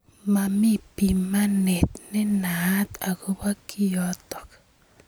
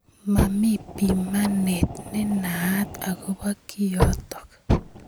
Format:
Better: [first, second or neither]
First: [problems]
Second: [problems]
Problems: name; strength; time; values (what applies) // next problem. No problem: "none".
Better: first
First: none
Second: background sound (Slam / Car + Fire); 3 dB below the speech